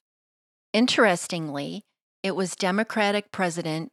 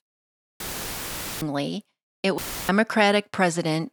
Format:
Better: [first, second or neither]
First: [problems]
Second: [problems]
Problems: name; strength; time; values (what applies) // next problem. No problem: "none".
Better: first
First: none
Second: audio cutting out; filled with static; at 0.5 s for 1 s and at 2.5 s